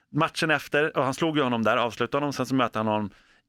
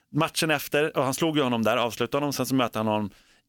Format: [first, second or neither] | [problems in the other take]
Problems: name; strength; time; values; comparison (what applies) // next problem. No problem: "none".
second | muffled; very slightly; fading above 4 kHz